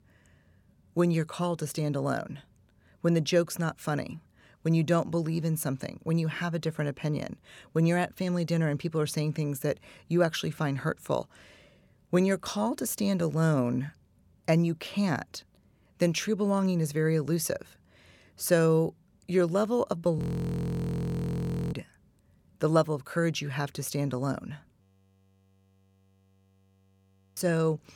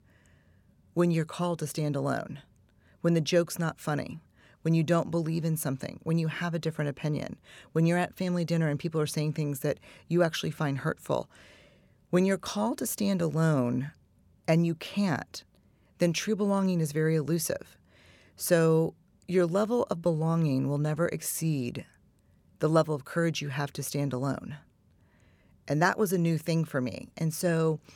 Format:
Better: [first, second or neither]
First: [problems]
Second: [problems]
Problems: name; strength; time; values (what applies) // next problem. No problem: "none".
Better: second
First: audio freezing; at 20 s for 1.5 s and at 25 s for 2.5 s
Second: none